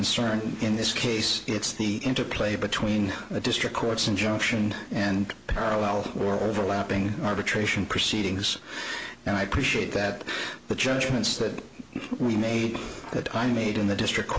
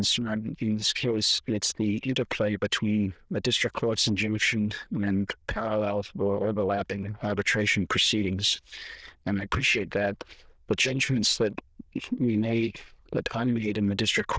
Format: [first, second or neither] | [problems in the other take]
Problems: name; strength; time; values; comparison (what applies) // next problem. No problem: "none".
first | noise reduction (neural diffusion model UNIVERSE++)